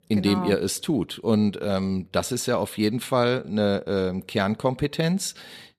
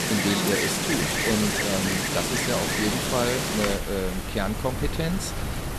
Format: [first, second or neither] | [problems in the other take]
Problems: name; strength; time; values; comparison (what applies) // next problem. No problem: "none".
first | wind in the background; very loud; throughout; 2 dB above the speech